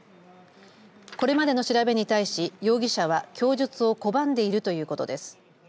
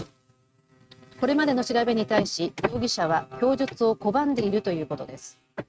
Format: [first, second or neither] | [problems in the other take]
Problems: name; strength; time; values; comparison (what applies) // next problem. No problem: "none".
first | noise reduction (neural mask model RNNoise)